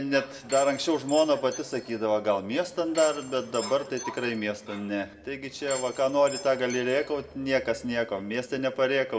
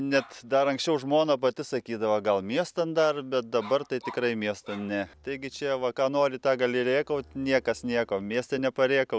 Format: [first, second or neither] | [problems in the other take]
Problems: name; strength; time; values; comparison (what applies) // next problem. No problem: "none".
second | background sound (Door / Chime); 15 dB below the speech // room echo; dies away in 1.6 s